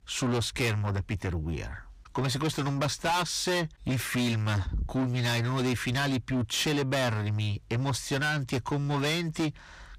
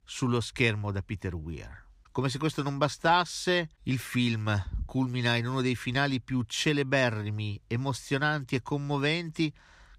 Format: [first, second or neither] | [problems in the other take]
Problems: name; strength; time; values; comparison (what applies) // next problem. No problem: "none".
second | distortion; heavy; 6 dB below the speech